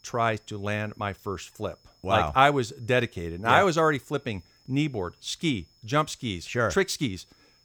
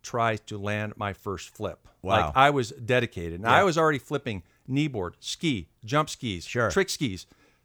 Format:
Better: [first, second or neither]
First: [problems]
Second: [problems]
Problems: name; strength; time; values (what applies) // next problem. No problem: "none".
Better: second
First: high-pitched whine; faint; throughout; 5 kHz, 35 dB below the speech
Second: none